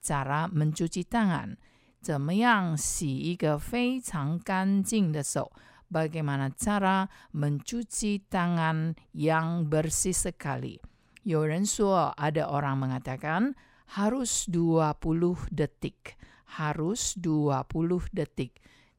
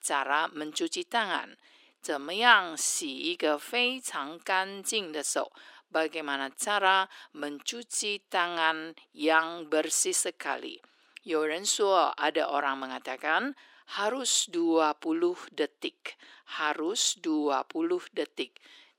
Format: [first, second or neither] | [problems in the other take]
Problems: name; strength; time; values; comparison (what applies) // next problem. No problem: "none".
first | thin; very; fading below 300 Hz